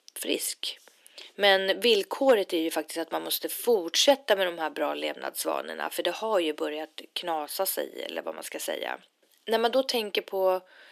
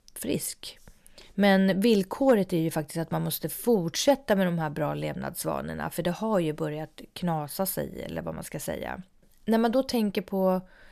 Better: second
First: thin; somewhat; fading below 300 Hz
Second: none

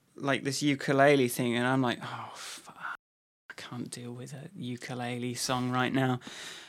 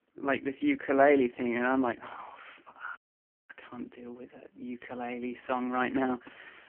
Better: first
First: none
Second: phone-call audio; poor line; nothing above 3 kHz

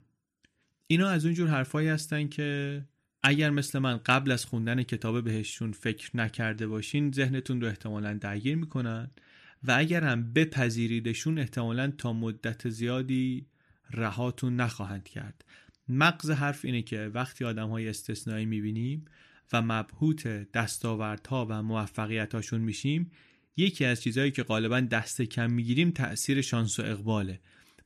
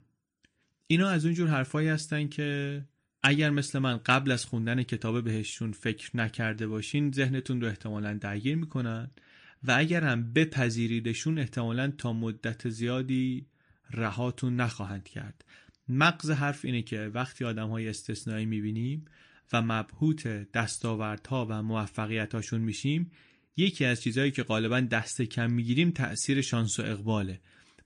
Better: first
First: none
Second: garbled, watery; slightly; nothing above 9 kHz

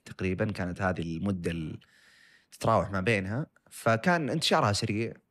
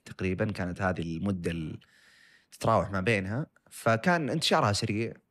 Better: neither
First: none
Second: none

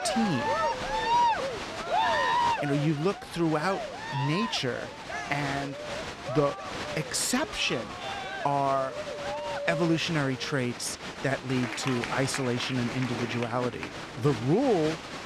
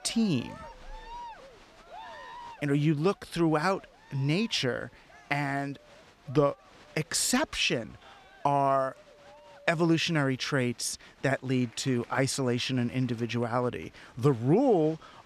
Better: second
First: crowd noise; loud; throughout; 3 dB below the speech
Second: crowd noise; faint; throughout; 25 dB below the speech

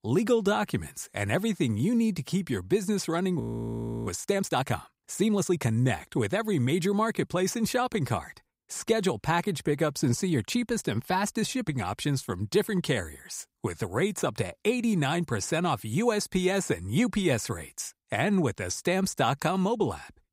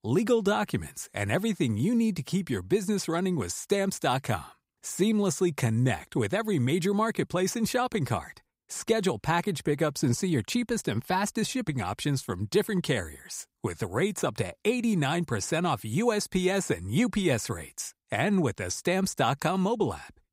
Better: second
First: audio freezing; at 3.5 s for 0.5 s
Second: none

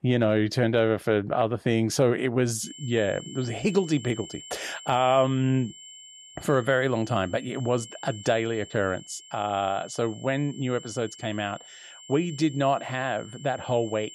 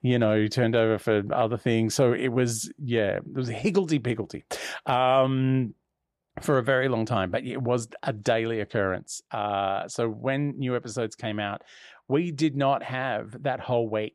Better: second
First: high-pitched whine; noticeable; from 2.5 s on; 3 kHz, 20 dB below the speech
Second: none

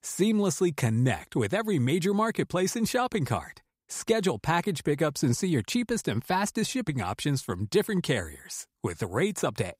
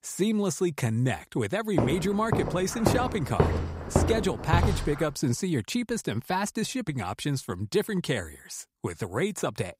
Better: first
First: none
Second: footsteps; loud; from 2 to 5 s; peak 3 dB above the speech

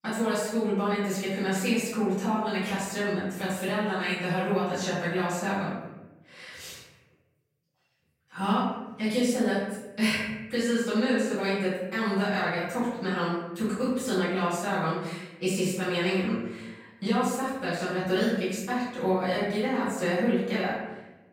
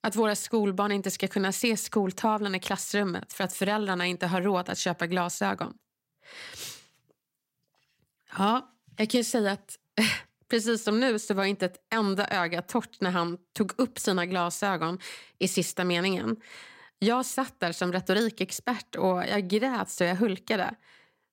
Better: second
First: off-mic speech; far // room echo; noticeable; dies away in 1 s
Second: none

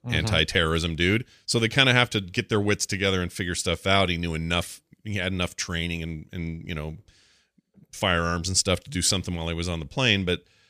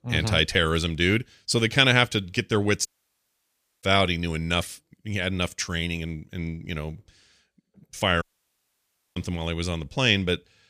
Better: first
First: none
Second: audio cutting out; at 3 s for 1 s and at 8 s for 1 s

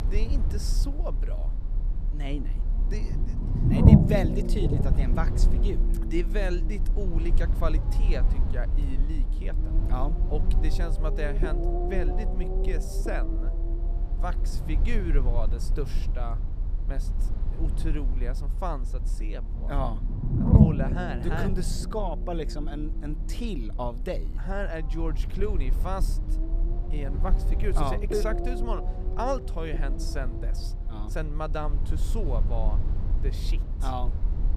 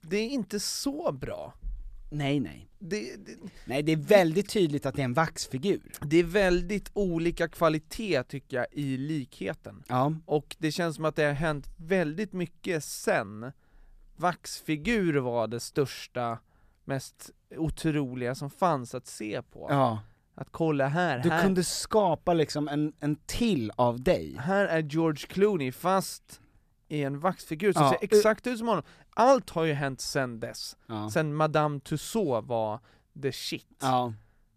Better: second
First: low rumble; loud; throughout; 3 dB below the speech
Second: none

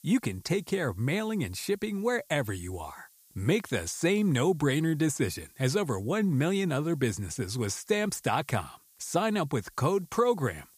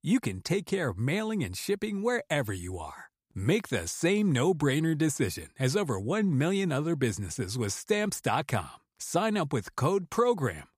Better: second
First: hiss; faint; throughout; 25 dB below the speech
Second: none

